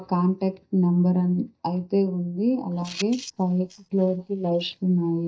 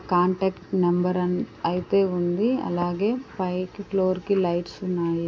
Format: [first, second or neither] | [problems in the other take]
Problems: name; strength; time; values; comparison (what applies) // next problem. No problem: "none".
second | noise reduction (neural mask model DeepFilterNet 3)